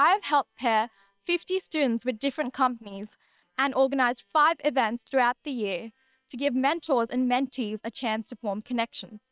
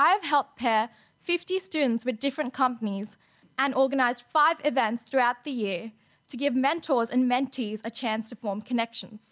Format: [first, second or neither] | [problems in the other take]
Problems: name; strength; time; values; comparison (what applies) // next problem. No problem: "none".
second | noise reduction (neural separator model SepFormer WHAM!)